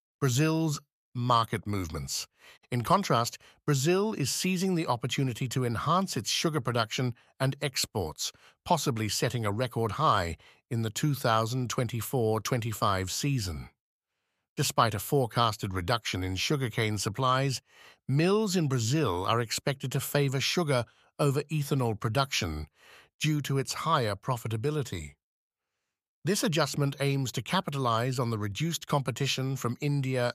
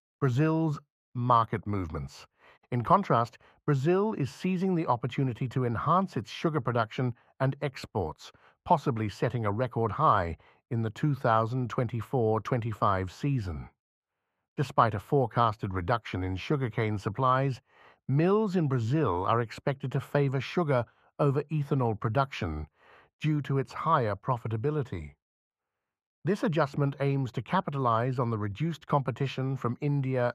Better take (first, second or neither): first